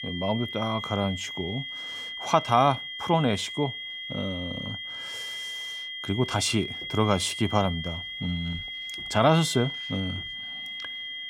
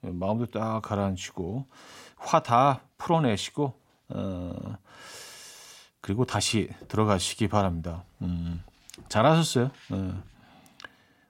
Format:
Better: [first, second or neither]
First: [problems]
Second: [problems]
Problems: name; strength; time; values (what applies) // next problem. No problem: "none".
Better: second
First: high-pitched whine; loud; throughout; 3.5 kHz, 7 dB below the speech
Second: none